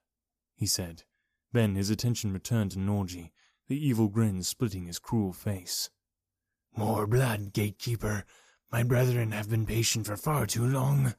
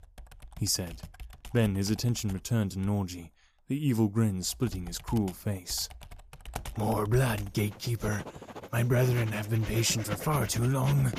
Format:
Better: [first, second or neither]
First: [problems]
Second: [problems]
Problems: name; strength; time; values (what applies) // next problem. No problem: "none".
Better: first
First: none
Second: household noises; noticeable; throughout; 15 dB below the speech